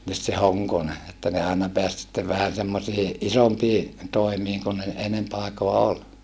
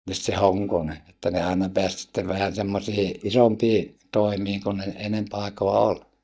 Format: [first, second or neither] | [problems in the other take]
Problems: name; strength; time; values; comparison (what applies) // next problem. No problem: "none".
first | noise reduction (neural mask model DeepFilterNet 3)